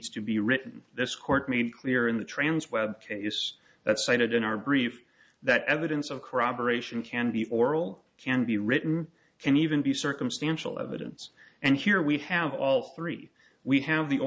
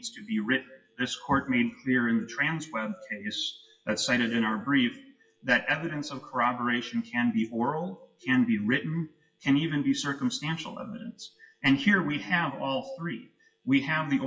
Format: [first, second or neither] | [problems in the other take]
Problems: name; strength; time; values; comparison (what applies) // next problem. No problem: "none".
first | noise reduction (classical method WPE with log-MMSE)